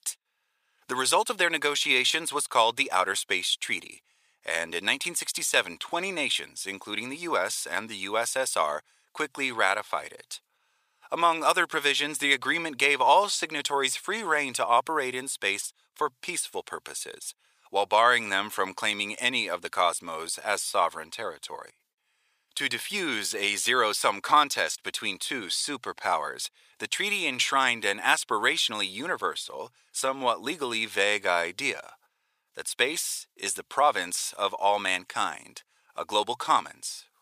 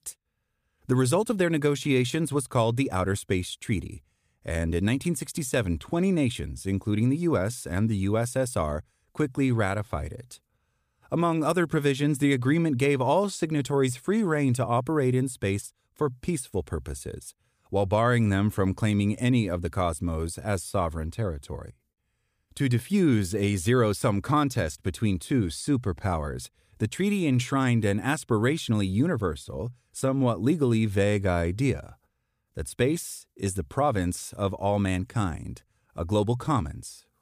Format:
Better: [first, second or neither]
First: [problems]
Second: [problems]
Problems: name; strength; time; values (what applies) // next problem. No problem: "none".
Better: second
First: thin; very; fading below 700 Hz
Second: none